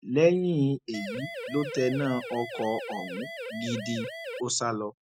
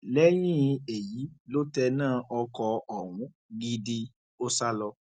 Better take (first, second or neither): second